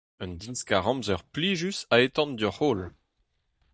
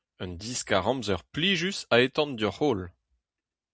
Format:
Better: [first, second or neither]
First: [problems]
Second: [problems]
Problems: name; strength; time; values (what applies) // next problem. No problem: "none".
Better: second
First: noise reduction (neural mask model DeepFilterNet 3)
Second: none